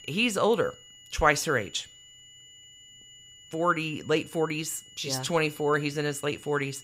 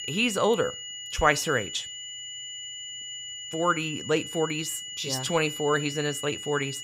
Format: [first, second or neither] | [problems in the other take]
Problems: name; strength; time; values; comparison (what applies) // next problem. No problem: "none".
first | high-pitched whine; loud; throughout; 3 kHz, 8 dB below the speech; faint in the first